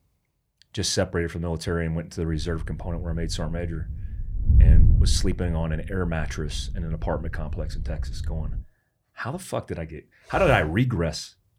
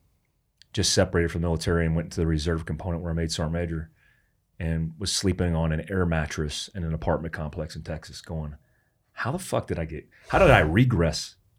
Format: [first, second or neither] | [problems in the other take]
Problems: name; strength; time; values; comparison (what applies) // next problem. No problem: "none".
second | wind noise on the microphone; occasional gusts; from 2.5 to 8.5 s; 15 dB below the speech